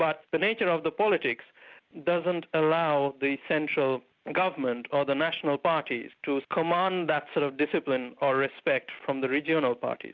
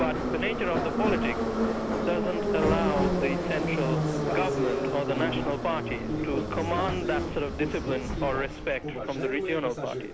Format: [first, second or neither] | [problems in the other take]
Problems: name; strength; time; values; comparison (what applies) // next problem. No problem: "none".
first | background sound (Subway, metro, underground); 2 dB above the speech